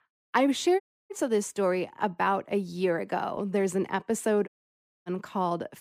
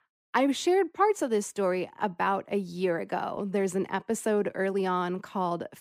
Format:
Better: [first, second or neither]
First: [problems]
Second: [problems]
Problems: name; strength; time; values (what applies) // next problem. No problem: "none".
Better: second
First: audio cutting out; at 1 s and at 4.5 s for 0.5 s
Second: none